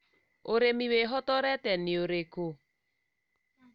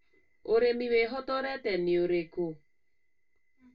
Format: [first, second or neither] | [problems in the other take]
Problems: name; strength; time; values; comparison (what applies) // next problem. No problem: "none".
first | room echo; dies away in 0.1 s